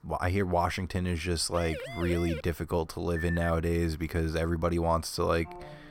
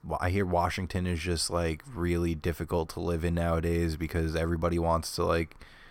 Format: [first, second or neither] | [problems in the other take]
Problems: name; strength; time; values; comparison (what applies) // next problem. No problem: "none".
second | siren; noticeable; at 1.5 s; peak 9 dB below the speech // phone ringing; noticeable; at 3 s; peak 7 dB below the speech // phone ringing; faint; at 5.5 s; peak 15 dB below the speech